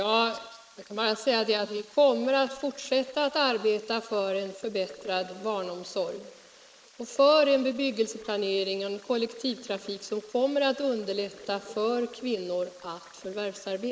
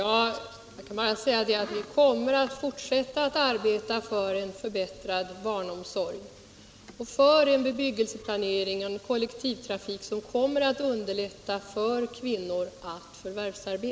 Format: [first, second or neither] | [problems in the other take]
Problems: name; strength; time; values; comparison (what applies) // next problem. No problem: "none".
second | noise reduction (neural mask model Resemble Enhance denoiser)